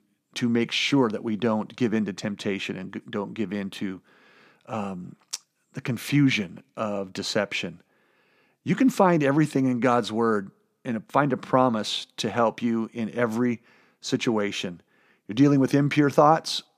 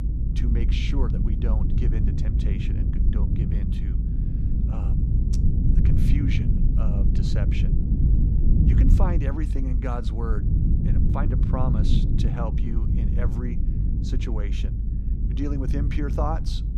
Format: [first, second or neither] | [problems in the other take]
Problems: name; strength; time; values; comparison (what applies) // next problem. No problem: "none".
first | low rumble; loud; throughout; 1 dB below the speech